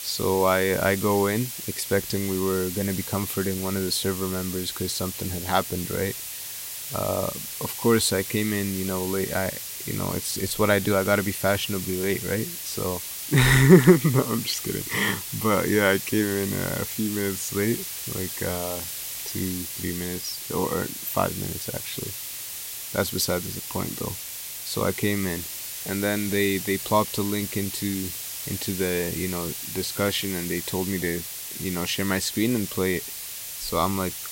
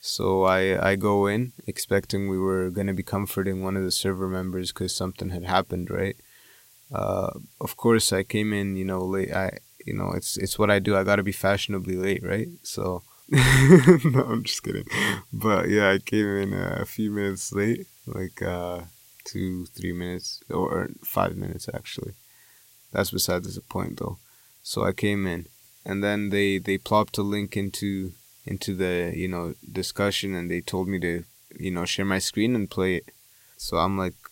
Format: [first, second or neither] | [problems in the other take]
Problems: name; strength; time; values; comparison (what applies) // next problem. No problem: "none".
second | hiss; loud; throughout; 6 dB below the speech; faint in the second